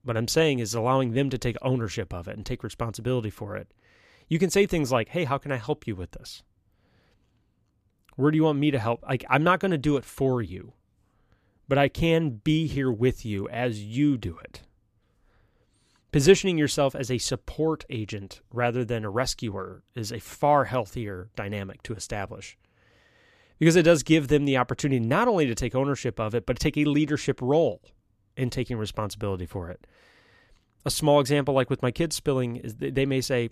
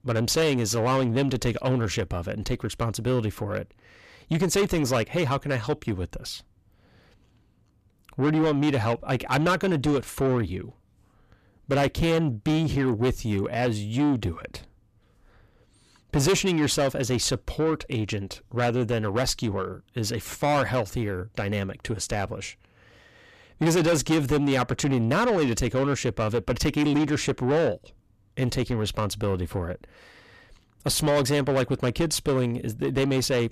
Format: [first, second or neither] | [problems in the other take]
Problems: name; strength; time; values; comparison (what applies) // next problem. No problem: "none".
first | distortion; heavy; 7 dB below the speech